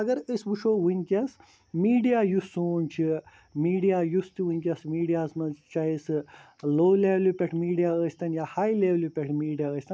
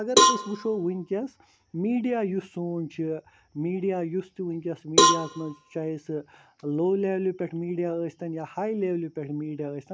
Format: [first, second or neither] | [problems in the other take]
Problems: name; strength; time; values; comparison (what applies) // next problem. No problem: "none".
first | background sound (Cowbell); 3 dB above the speech